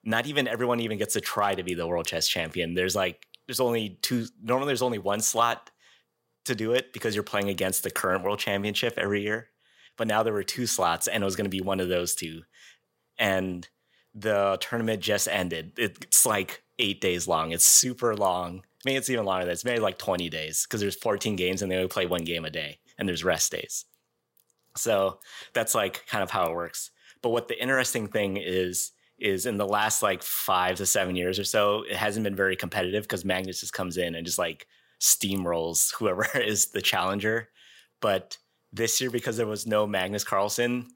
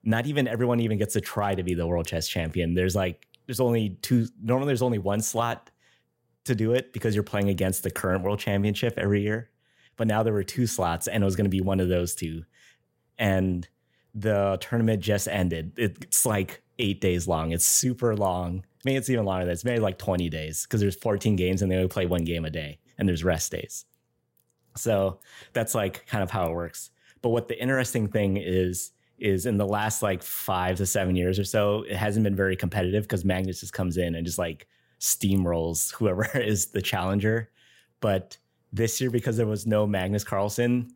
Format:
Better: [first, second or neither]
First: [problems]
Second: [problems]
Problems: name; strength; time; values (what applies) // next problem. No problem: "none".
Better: second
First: thin; somewhat; fading below 1 kHz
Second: none